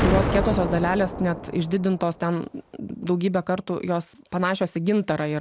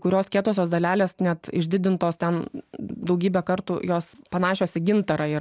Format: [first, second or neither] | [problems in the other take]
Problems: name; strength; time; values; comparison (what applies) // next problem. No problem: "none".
second | background sound (Explosion); 6 dB below the speech